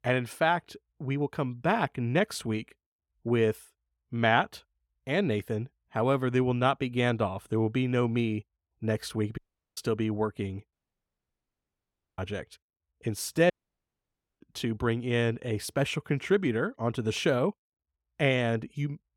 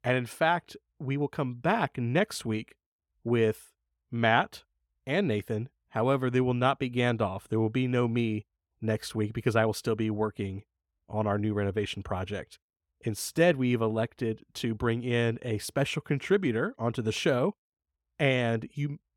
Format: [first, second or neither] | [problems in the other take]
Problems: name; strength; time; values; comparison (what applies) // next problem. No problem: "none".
second | audio cutting out; at 9.5 s, at 11 s for 1.5 s and at 14 s for 1 s